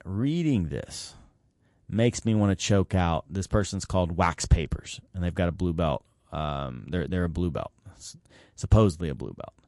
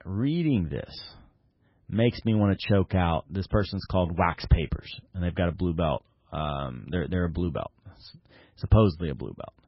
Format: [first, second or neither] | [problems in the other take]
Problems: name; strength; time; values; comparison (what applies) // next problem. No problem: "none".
first | garbled, watery; badly; nothing above 5.5 kHz; slightly in the first